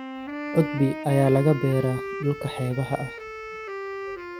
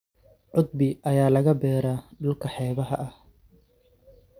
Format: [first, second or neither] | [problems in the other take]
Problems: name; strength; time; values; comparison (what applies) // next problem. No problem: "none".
second | background sound (Wind instrument, woodwind instrument); 9 dB below the speech